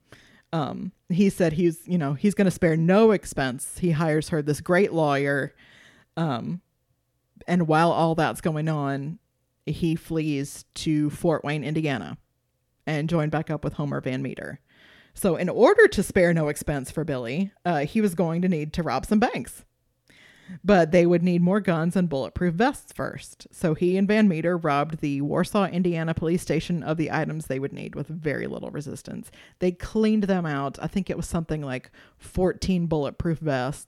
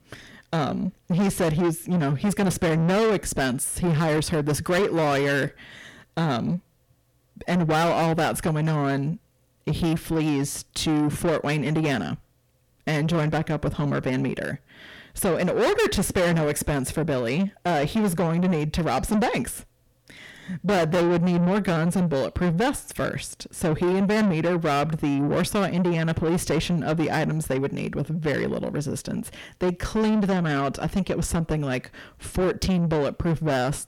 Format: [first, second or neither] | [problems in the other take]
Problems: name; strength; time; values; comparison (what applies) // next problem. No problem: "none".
first | distortion; heavy; 6 dB below the speech